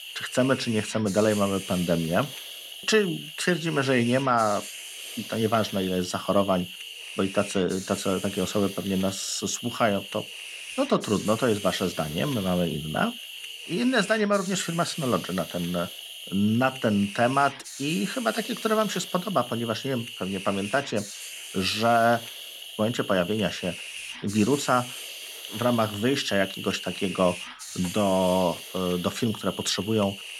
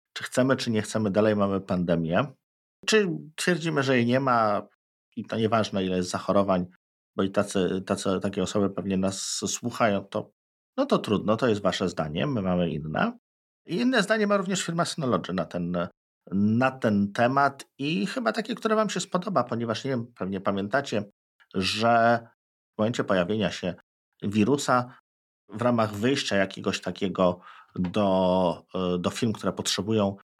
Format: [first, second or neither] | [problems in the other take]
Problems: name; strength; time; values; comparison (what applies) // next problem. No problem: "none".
second | hiss; loud; throughout; 10 dB below the speech